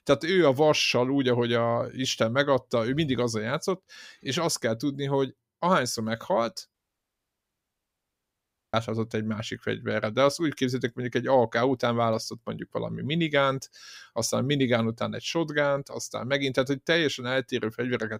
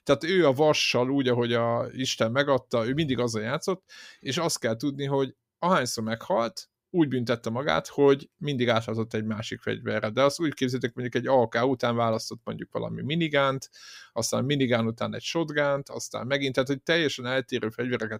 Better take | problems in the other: second | audio cutting out; at 6.5 s for 2 s

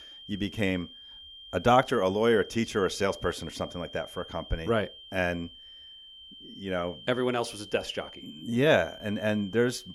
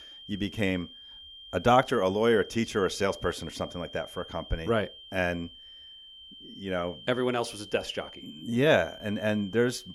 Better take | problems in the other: neither | high-pitched whine; noticeable; throughout; 3 kHz, 15 dB below the speech; the same in both

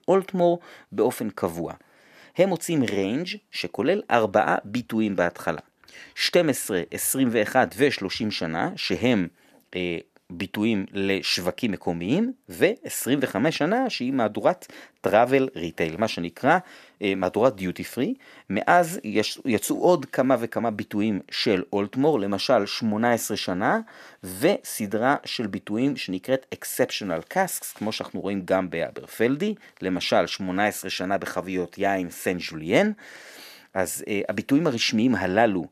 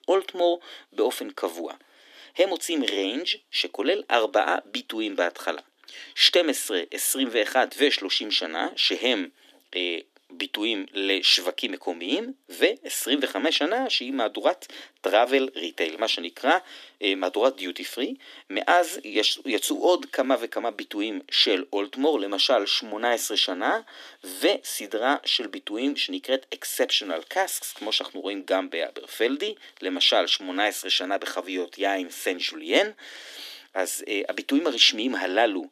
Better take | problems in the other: first | thin; very slightly; fading below 300 Hz

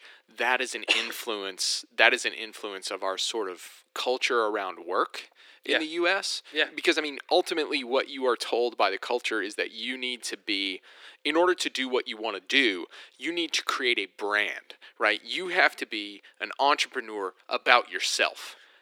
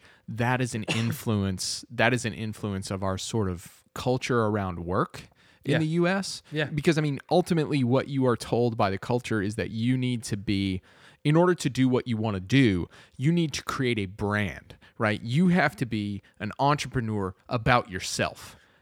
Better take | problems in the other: second | thin; very; fading below 300 Hz

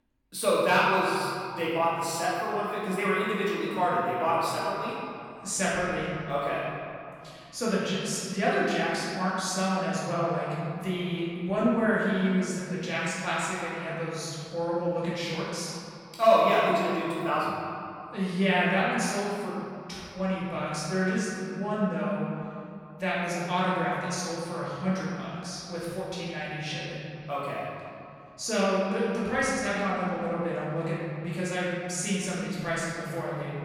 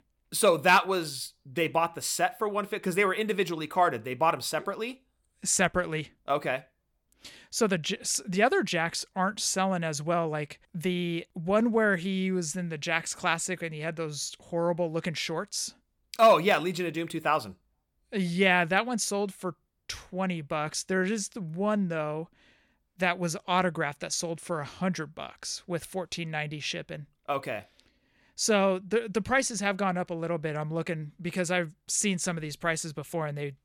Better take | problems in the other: second | off-mic speech; far // room echo; strong; dies away in 2.5 s

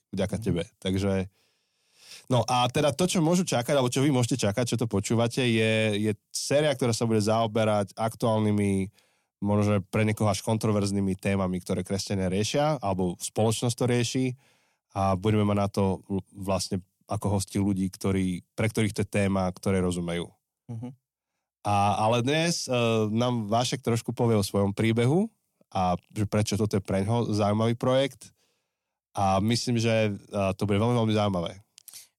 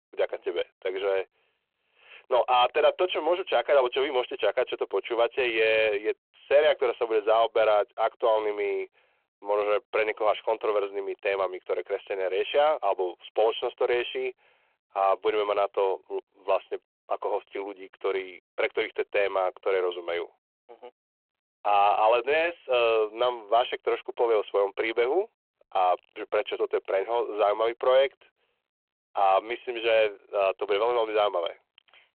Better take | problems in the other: first | phone-call audio

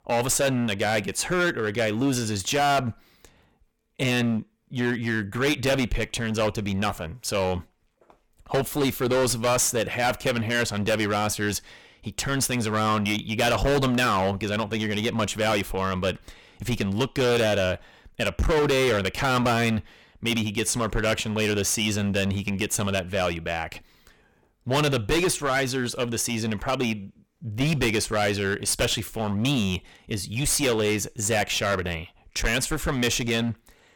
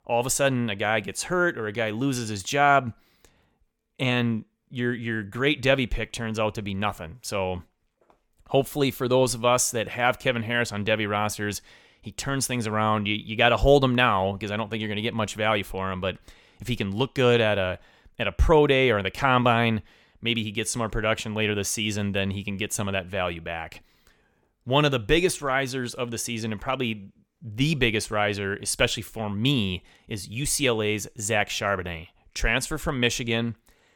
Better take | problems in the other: second | distortion; heavy; 14% of the sound clipped

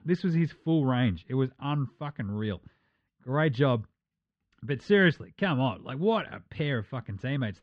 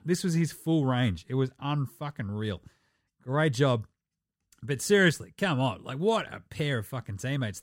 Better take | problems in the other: second | muffled; slightly; fading above 3.5 kHz

